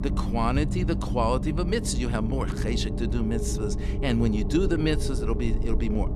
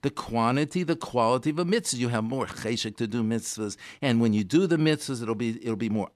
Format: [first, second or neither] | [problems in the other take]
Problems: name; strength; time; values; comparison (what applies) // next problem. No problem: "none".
second | low rumble; loud; throughout; 8 dB below the speech